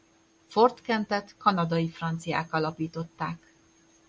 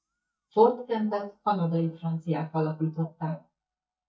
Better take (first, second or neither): first